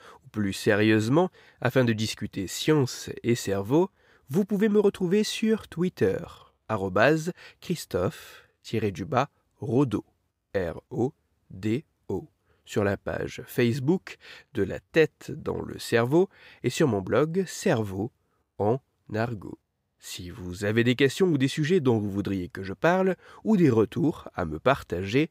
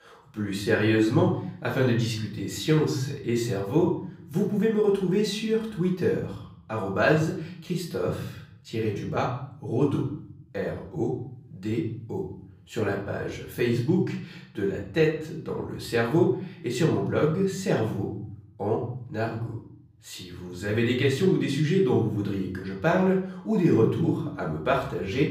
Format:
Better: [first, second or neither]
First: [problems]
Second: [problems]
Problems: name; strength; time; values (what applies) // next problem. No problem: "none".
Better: first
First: none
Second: off-mic speech; far // room echo; slight; dies away in 0.7 s